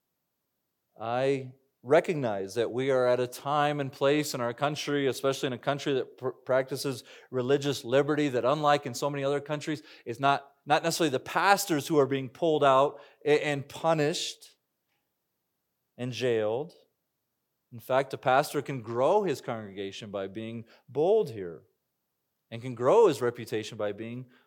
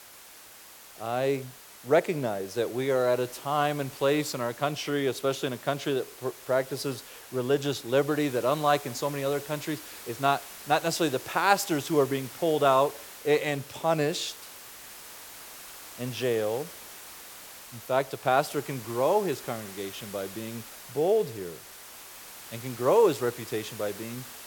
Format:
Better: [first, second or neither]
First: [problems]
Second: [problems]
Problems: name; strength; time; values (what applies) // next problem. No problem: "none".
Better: first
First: none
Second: hiss; noticeable; throughout; 15 dB below the speech